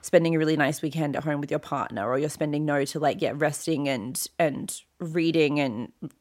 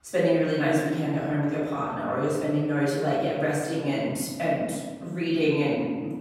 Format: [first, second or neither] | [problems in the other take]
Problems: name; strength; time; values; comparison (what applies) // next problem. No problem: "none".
first | off-mic speech; far // room echo; strong; dies away in 1.5 s